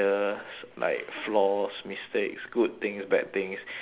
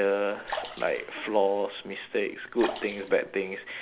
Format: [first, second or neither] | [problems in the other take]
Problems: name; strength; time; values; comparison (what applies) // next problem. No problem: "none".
first | background sound (Sink (filling or washing) / Water / Splash, splatter); 9 dB below the speech